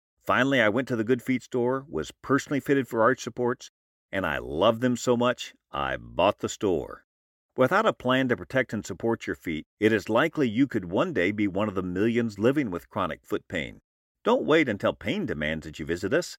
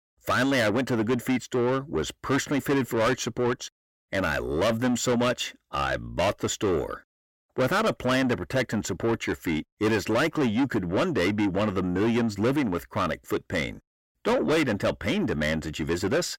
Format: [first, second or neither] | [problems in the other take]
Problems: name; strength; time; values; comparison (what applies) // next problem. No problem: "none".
first | distortion; heavy; 7 dB below the speech